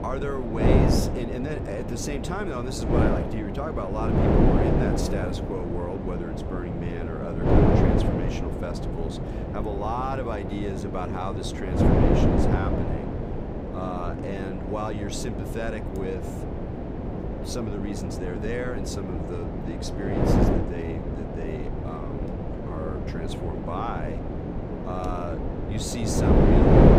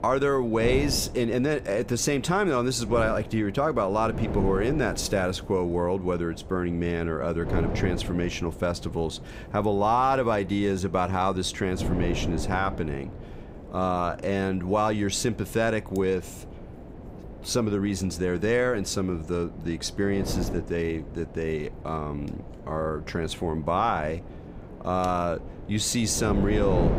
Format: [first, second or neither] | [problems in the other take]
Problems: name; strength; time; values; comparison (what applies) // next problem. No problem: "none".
second | wind noise on the microphone; heavy; 3 dB above the speech; occasional gusts in the second